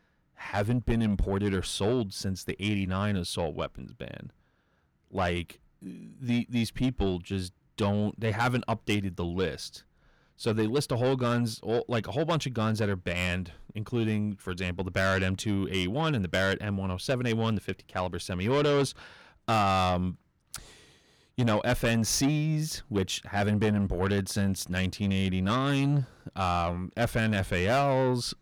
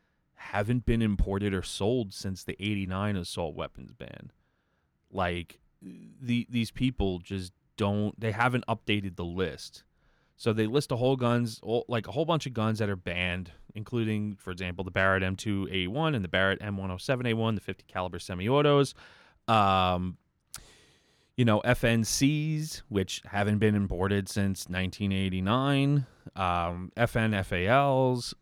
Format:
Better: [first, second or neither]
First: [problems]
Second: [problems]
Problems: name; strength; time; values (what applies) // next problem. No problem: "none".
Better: second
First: distortion; slight; 10 dB below the speech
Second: none